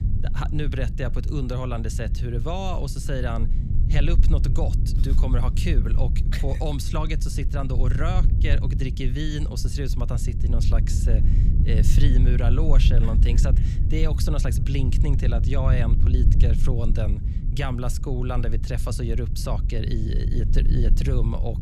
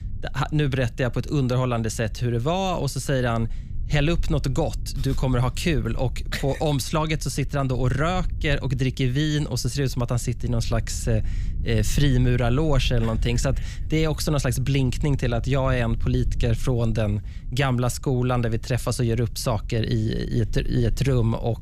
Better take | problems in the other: second | low rumble; loud; throughout; 7 dB below the speech; faint in the second

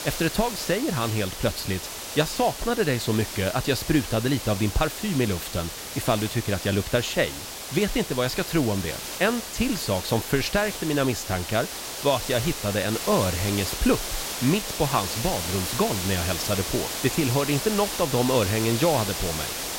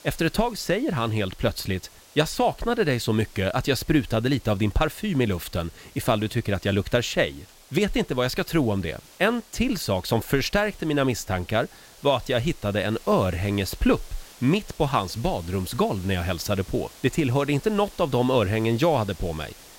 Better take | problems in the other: second | hiss; loud; throughout; 5 dB below the speech; faint in the second

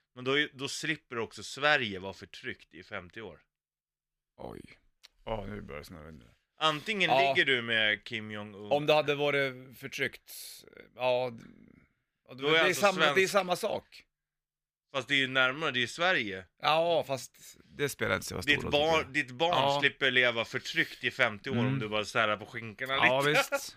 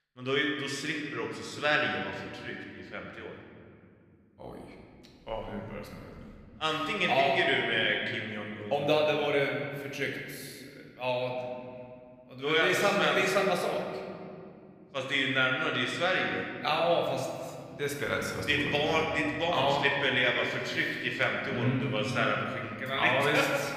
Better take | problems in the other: first | room echo; noticeable; dies away in 2.4 s // off-mic speech; somewhat distant

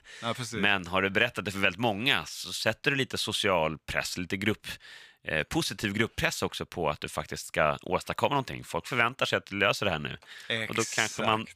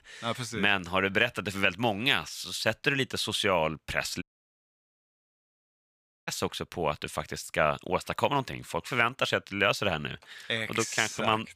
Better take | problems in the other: first | audio cutting out; at 4 s for 2 s

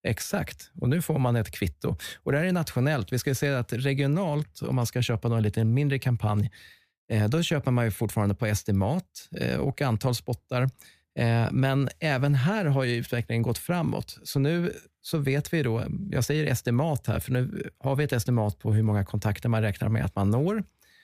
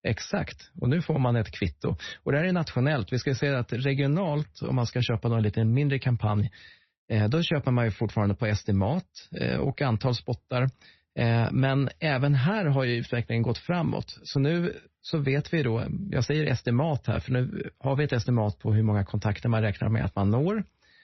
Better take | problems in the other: first | garbled, watery; slightly; nothing above 6 kHz

